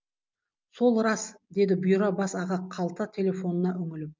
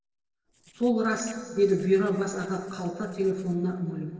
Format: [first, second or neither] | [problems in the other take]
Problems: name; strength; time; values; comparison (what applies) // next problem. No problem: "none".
first | noise reduction (neural separator model SepFormer DNS4)